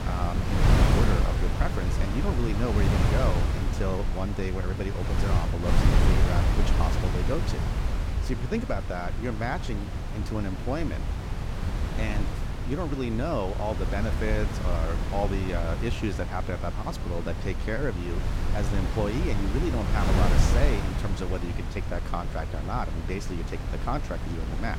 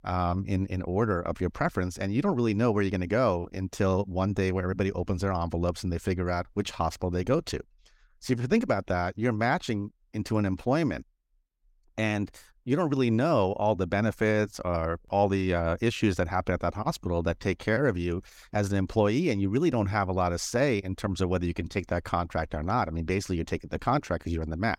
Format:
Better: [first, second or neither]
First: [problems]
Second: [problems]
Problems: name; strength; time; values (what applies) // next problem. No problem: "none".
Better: second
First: wind noise on the microphone; heavy; 2 dB below the speech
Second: none